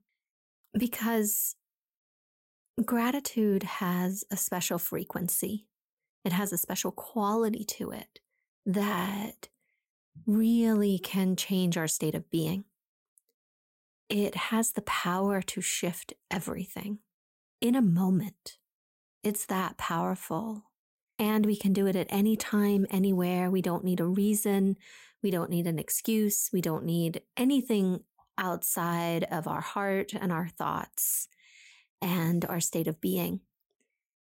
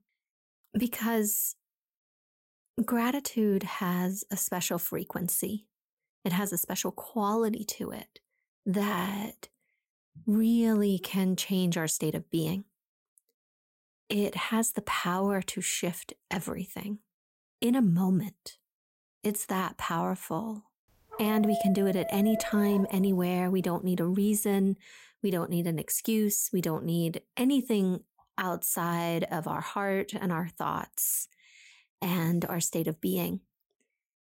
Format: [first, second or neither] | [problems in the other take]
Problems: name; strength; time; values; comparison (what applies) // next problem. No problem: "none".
first | dog barking; noticeable; from 21 to 23 s; peak 4 dB below the speech